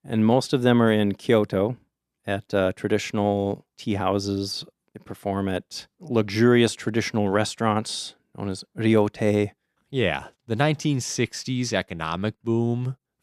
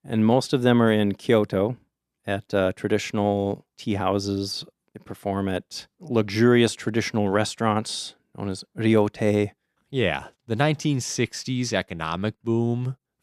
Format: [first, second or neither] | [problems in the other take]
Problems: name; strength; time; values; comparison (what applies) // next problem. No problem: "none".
neither | none